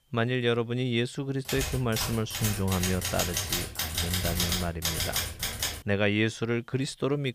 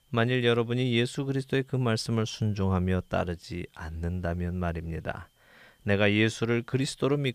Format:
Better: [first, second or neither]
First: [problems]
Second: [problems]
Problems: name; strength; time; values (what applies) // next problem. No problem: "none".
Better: second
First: keyboard typing; loud; from 1.5 to 6 s; peak 2 dB above the speech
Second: none